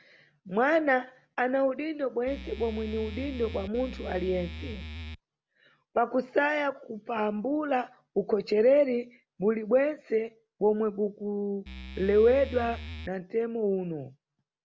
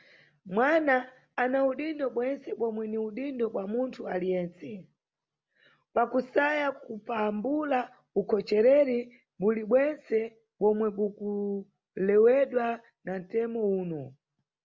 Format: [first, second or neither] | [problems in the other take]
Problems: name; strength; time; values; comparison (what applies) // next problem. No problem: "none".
second | background sound (Musical instrument); 11 dB below the speech